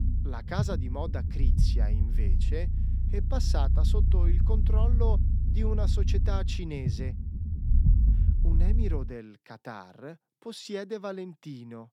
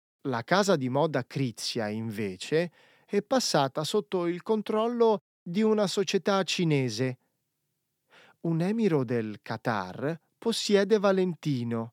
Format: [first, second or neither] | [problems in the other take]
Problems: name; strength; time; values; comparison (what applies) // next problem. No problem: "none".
second | low rumble; loud; until 9 s; 5 dB below the speech